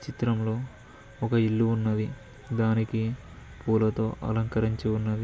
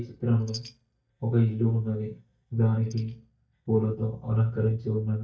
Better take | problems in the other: first | noise reduction (neural mask model DeepFilterNet 3)

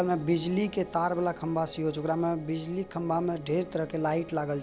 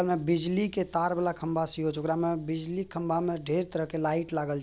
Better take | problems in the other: second | background sound (Piano); 17 dB below the speech

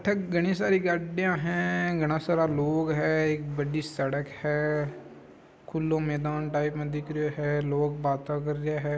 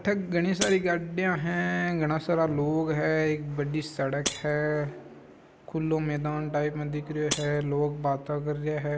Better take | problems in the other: first | background sound (Shatter); 12 dB below the speech

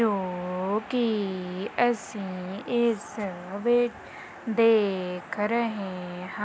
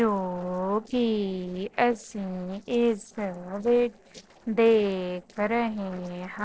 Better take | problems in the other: first | noise reduction (neural separator model SepFormer DNS4)

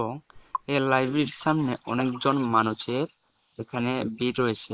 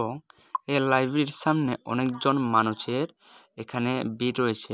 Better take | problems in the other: second | noise reduction (neural mask model Resemble Enhance denoiser)

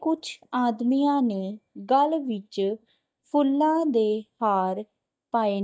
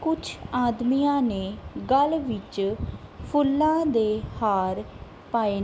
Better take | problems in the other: second | noise reduction (neural mask model DeepFilterNet 3)

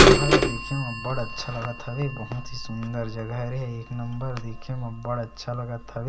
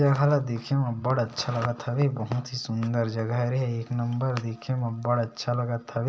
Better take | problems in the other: second | background sound (Bird vocalization, bird call, bird song / Telephone); 4 dB above the speech

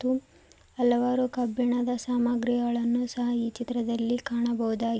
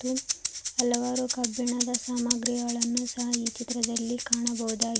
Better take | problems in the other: first | background sound (Rattle (instrument)); 2 dB below the speech

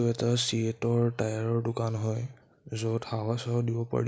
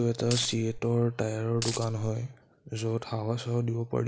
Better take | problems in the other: first | background sound (Coin (dropping)); 8 dB below the speech

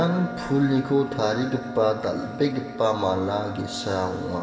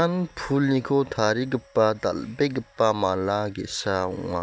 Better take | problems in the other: second | background sound (Wind instrument, woodwind instrument); 13 dB below the speech // room echo; dies away in 2.8 s

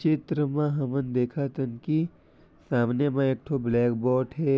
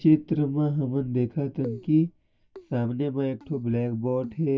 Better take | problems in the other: first | noise reduction (neural mask model DeepFilterNet 3)

